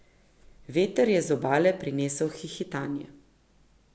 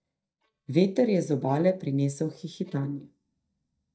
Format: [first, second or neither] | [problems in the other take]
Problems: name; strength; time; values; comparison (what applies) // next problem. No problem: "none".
first | noise reduction (neural mask model DeepFilterNet 3)